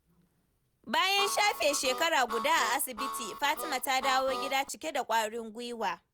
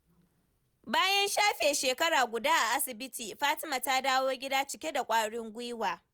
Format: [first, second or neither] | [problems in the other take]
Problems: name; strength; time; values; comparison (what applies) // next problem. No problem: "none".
second | background sound (Harmonica); 8 dB below the speech